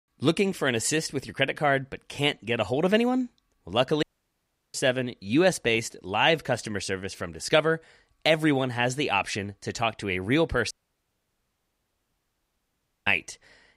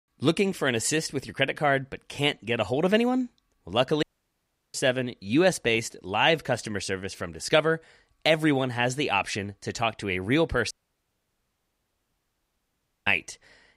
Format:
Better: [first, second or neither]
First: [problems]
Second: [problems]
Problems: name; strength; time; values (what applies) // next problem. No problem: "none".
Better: neither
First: audio cutting out; at 4 s for 0.5 s and at 11 s for 2.5 s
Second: audio cutting out; at 4 s for 0.5 s and at 11 s for 2.5 s